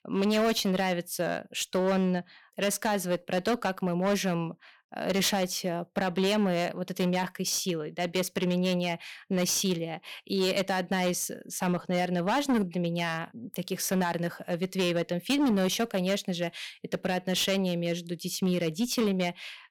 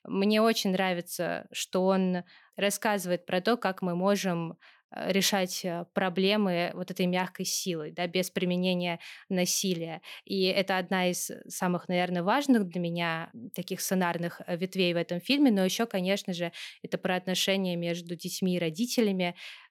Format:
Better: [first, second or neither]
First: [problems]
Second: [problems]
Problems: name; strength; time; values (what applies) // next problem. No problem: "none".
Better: second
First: distortion; slight; 9% of the sound clipped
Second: none